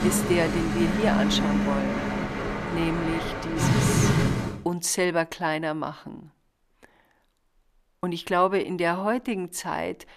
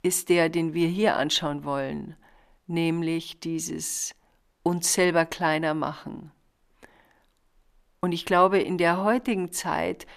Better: second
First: train or aircraft noise; very loud; until 4.5 s; 2 dB above the speech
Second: none

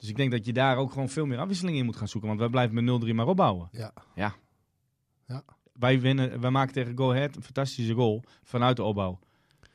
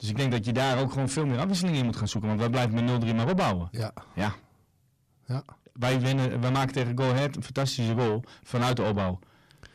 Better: first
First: none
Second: distortion; heavy; 6 dB below the speech

